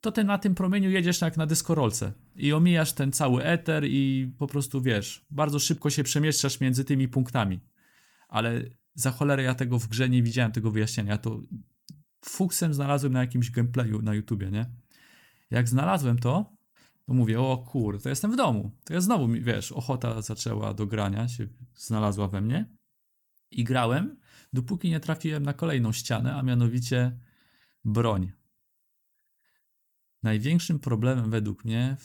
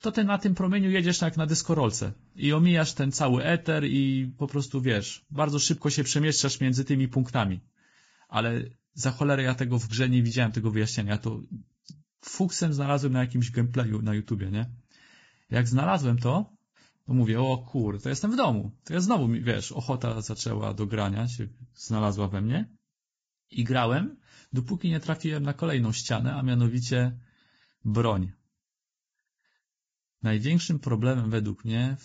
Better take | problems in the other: first | garbled, watery; badly; nothing above 7.5 kHz

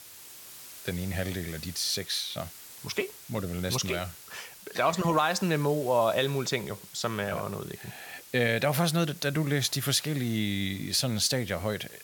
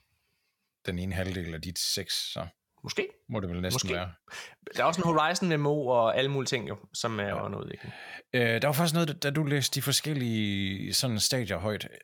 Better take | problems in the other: second | hiss; noticeable; throughout; 15 dB below the speech

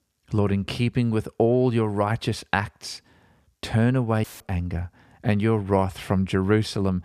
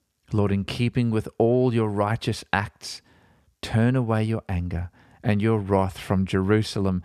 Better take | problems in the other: second | audio cutting out; filled with static; at 4 s

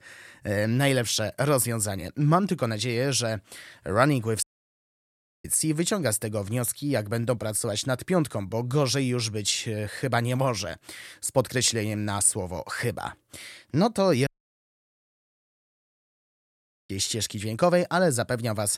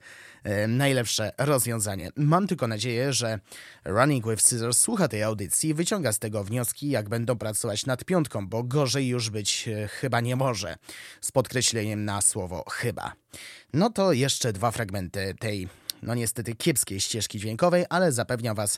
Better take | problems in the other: second | audio cutting out; at 4.5 s for 1 s and at 14 s for 2.5 s

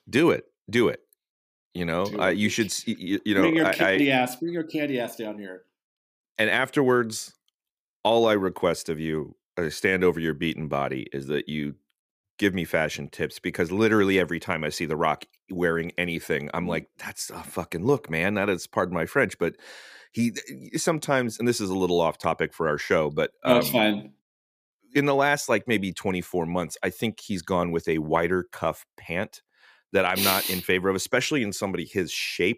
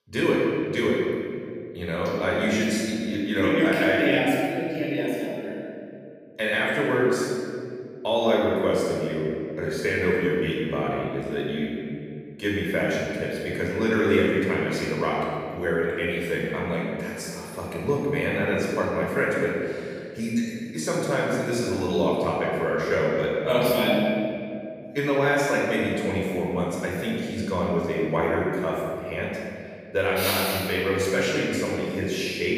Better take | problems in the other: first | room echo; strong; dies away in 2.2 s // off-mic speech; far

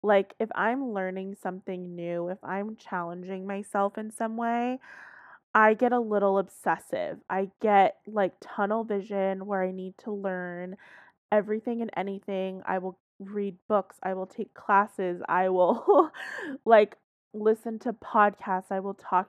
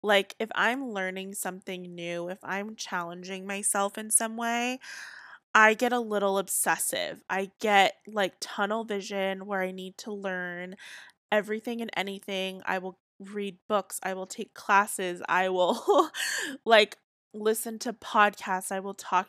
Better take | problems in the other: second | muffled; very; fading above 2.5 kHz

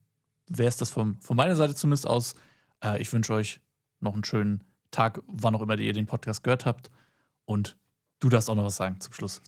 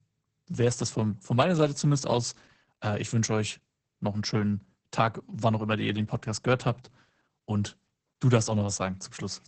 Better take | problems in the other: first | garbled, watery; badly; nothing above 8 kHz; slightly in the first

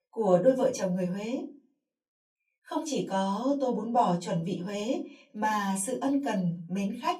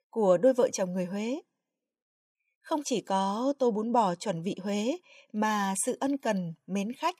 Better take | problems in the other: second | off-mic speech; far // room echo; very slight; dies away in 0.3 s

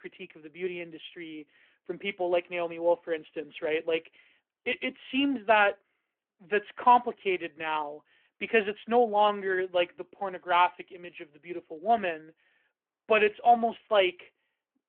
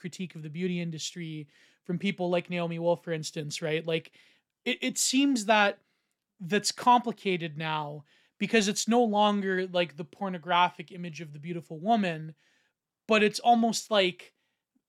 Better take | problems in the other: second | phone-call audio

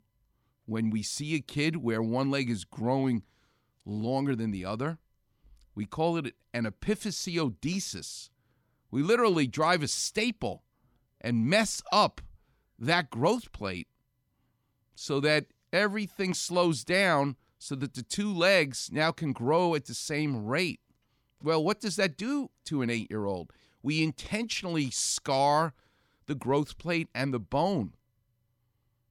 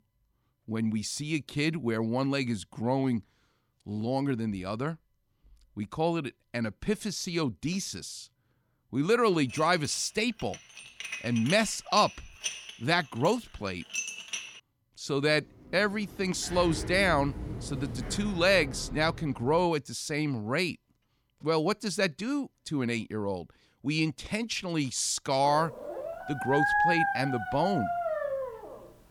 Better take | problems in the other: first | clattering dishes; noticeable; from 9.5 to 14 s; peak 4 dB below the speech // door banging; noticeable; from 16 to 20 s; peak 7 dB below the speech // dog barking; loud; from 25 s on; peak 5 dB above the speech

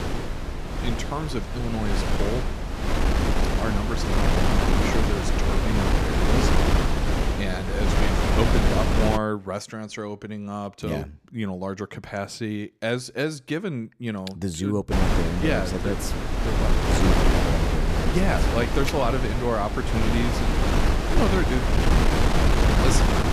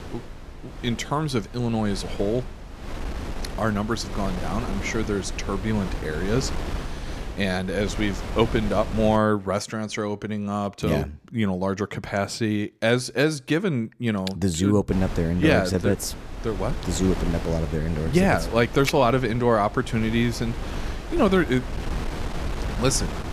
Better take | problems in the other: second | wind noise on the microphone; heavy; until 9 s and from 15 s on; 3 dB above the speech; occasional gusts in the second

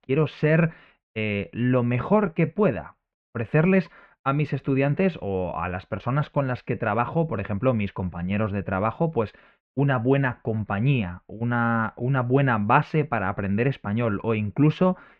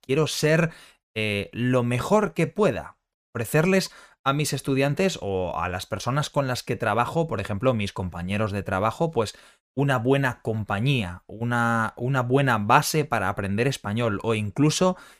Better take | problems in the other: second | muffled; very; fading above 2.5 kHz

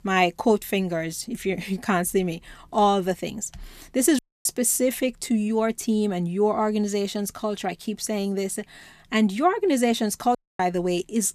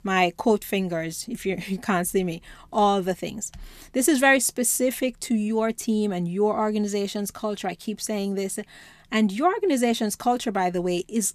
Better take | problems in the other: second | audio cutting out; at 4 s and at 10 s

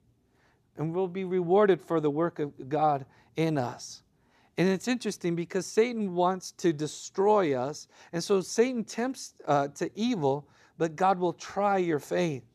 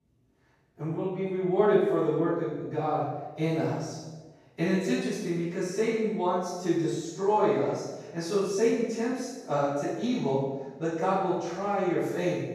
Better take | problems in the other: first | off-mic speech; far // room echo; strong; dies away in 1 s

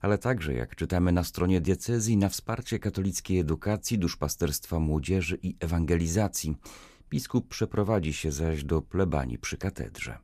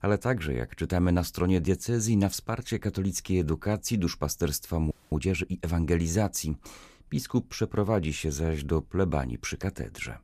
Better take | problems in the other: first | audio freezing; at 5 s

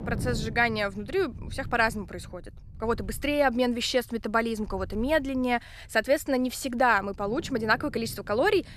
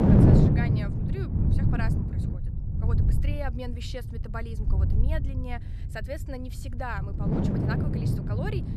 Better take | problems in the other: first | wind noise on the microphone; heavy; 4 dB above the speech; occasional gusts in the first

